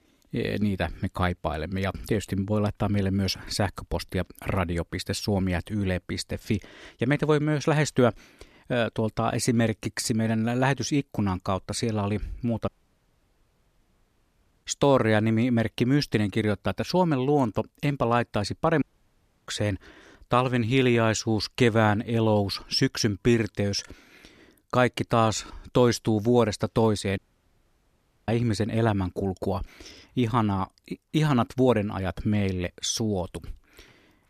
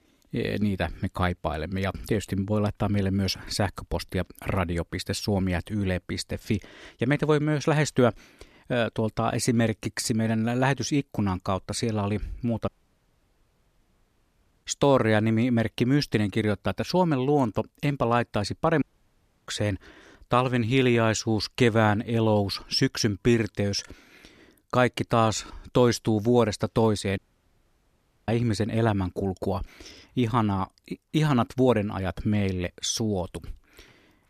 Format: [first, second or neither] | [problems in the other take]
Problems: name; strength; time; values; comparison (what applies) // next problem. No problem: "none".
neither | audio cutting out; at 13 s for 2 s, at 19 s for 0.5 s and at 27 s for 1 s; the same in both